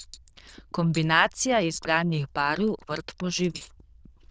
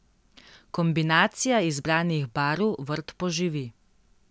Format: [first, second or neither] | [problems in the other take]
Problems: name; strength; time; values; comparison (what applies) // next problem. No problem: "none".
second | noise reduction (neural diffusion model UNIVERSE++)